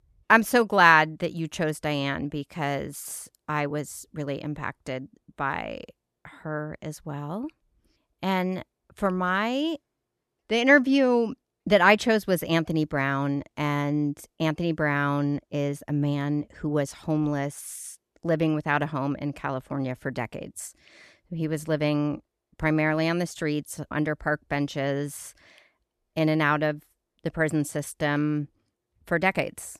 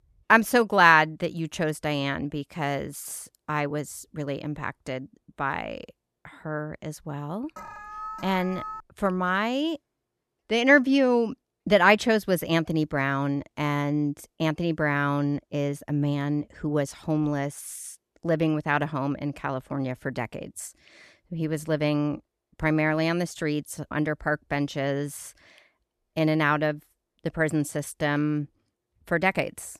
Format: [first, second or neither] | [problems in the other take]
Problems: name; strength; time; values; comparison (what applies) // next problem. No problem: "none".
first | alarm; faint; from 7.5 to 9 s; peak 10 dB below the speech